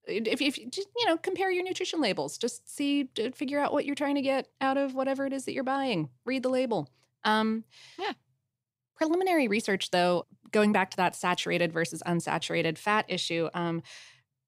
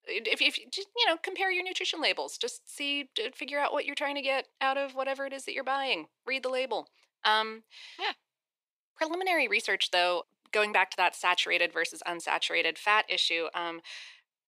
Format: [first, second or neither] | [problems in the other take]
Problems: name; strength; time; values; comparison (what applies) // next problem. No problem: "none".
first | thin; somewhat; fading below 400 Hz